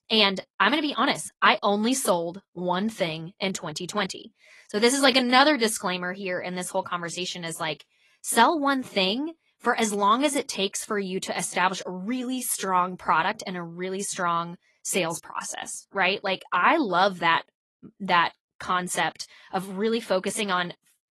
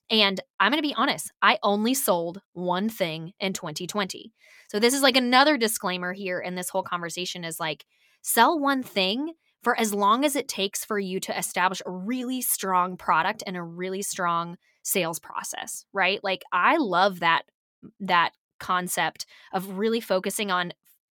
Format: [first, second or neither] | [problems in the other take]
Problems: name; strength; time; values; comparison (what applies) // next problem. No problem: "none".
second | garbled, watery; slightly; nothing above 11.5 kHz